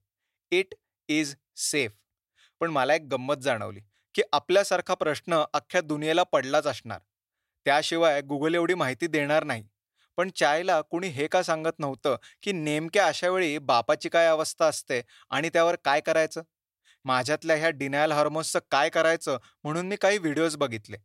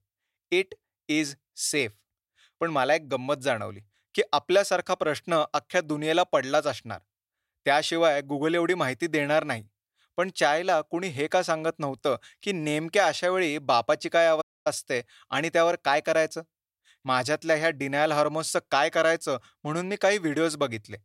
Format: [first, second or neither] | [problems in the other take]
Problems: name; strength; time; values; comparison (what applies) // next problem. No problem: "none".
first | audio cutting out; at 14 s